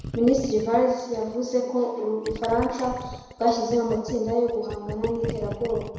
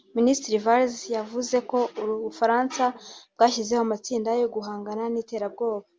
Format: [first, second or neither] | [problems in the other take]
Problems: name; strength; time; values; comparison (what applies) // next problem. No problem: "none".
second | background sound (Gurgling); 12 dB below the speech // room echo; dies away in 1 s